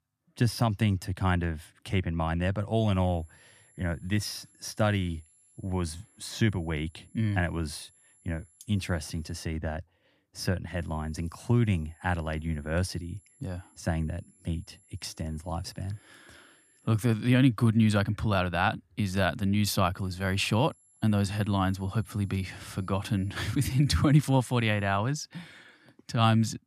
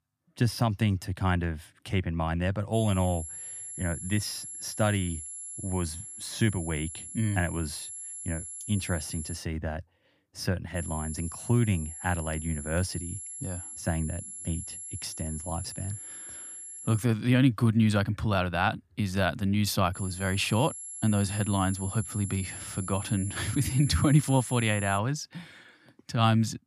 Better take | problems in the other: first | high-pitched whine; loud; from 2.5 to 9.5 s, from 11 to 17 s and from 20 to 25 s; 11 kHz, 9 dB below the speech; faint in the first

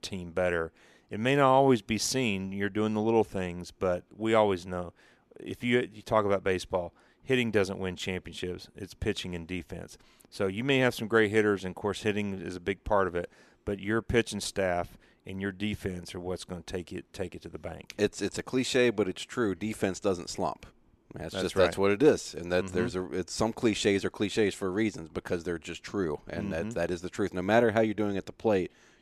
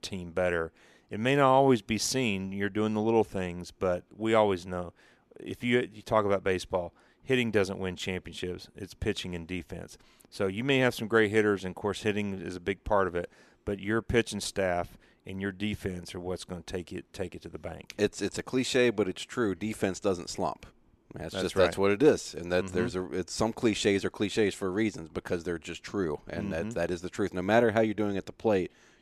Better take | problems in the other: neither | none

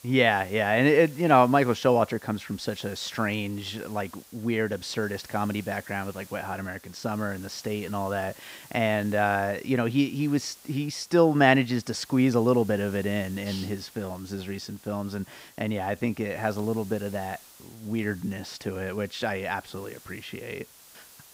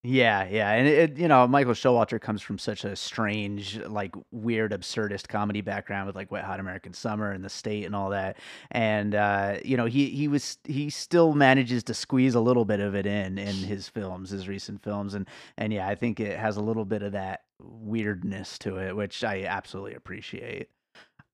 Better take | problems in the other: second | hiss; faint; throughout; 20 dB below the speech

